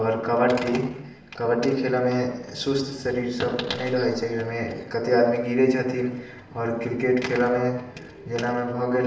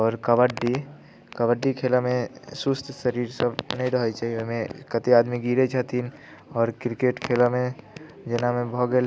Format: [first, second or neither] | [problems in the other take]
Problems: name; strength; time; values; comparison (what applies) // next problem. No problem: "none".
second | room echo; dies away in 0.8 s